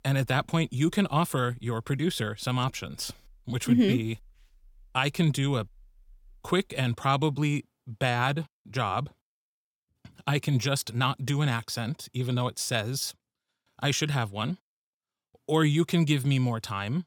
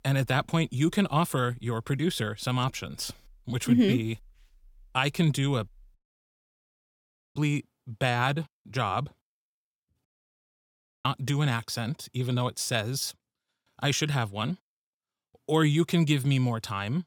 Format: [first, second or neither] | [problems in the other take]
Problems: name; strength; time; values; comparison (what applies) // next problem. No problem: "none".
first | audio cutting out; at 6 s for 1.5 s and at 10 s for 1 s